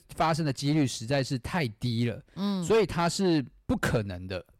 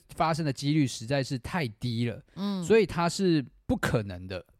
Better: second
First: distortion; slight; 5% of the sound clipped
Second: none

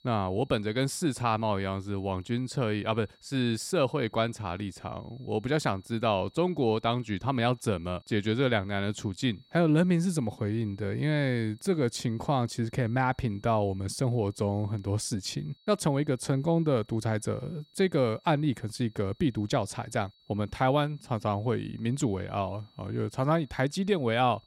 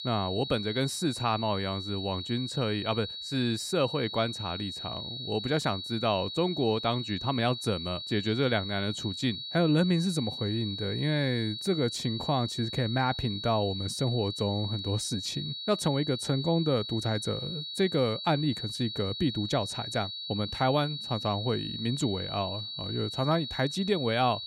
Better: first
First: high-pitched whine; faint; throughout; 4 kHz, 30 dB below the speech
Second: high-pitched whine; loud; throughout; 4 kHz, 6 dB below the speech

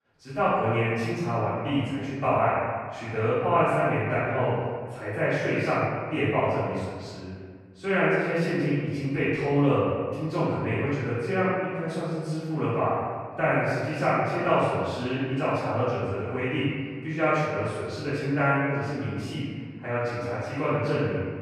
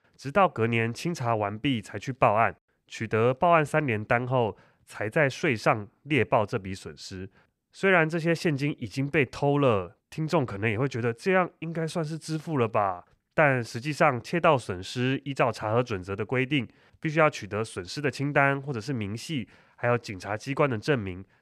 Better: second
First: off-mic speech; far // room echo; strong; dies away in 1.7 s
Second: none

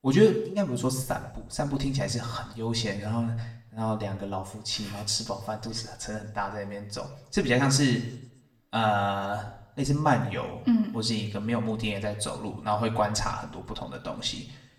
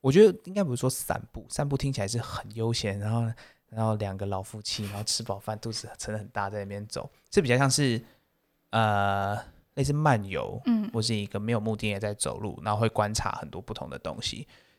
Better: second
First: room echo; slight; dies away in 0.6 s // off-mic speech; somewhat distant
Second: none

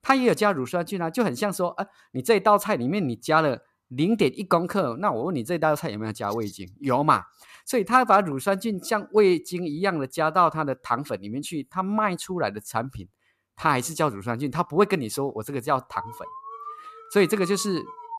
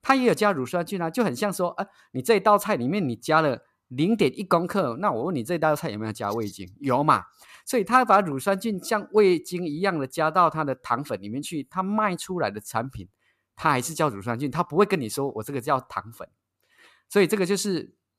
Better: second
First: alarm; faint; from 16 s on; peak 15 dB below the speech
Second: none

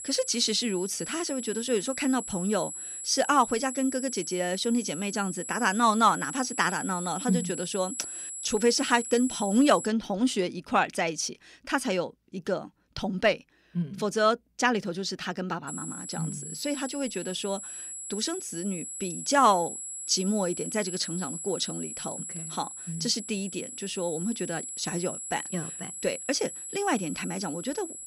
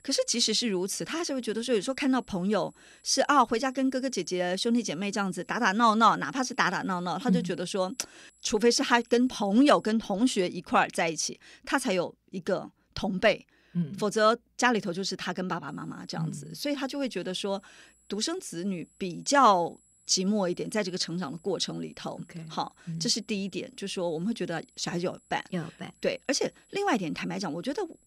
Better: second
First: high-pitched whine; loud; until 10 s and from 16 s on; 7.5 kHz, 7 dB below the speech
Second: high-pitched whine; faint; until 10 s and from 16 s on; 7.5 kHz, 35 dB below the speech

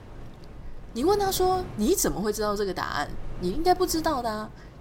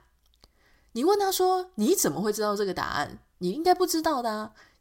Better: second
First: wind in the background; noticeable; throughout; 15 dB below the speech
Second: none

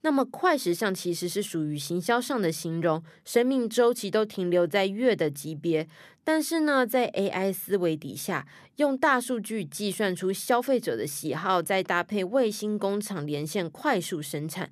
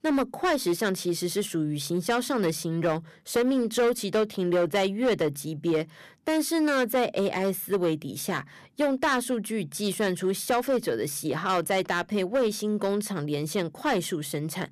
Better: first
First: none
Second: distortion; slight; 7% of the sound clipped

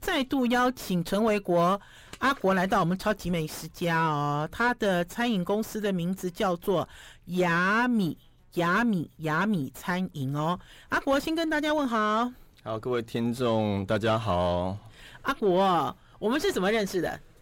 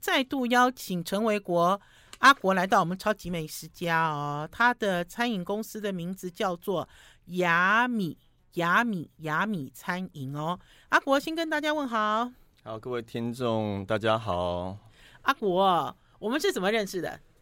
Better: second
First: distortion; heavy; 6 dB below the speech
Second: none

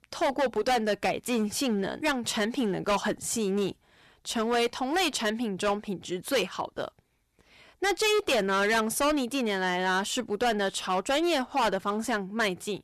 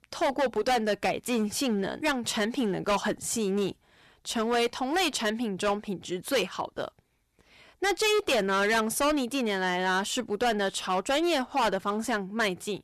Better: neither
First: distortion; heavy; 11% of the sound clipped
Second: distortion; heavy; 11% of the sound clipped

